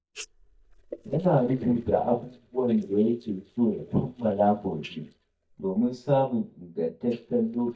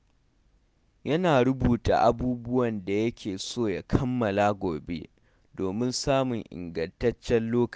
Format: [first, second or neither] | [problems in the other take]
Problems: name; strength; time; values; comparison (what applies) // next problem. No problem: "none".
second | noise reduction (neural mask model DeepFilterNet 3)